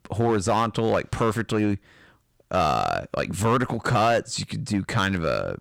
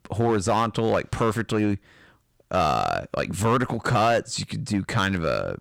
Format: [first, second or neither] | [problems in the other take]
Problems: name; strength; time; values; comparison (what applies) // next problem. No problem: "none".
neither | distortion; slight; 6% of the sound clipped; the same in both